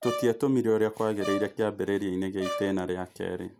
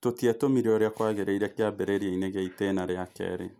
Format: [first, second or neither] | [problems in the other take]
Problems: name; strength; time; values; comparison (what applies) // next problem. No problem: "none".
second | background sound (Brass instrument); 11 dB below the speech